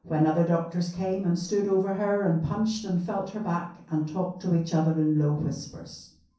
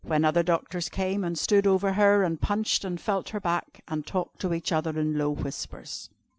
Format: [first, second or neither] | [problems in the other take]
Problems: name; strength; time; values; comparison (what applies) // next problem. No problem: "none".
second | room echo; dies away in 0.6 s